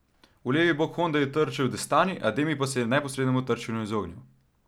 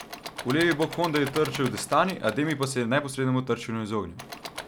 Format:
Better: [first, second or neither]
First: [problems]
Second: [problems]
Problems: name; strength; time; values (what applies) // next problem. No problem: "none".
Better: first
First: none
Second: background sound (Engine / Mechanisms); 13 dB below the speech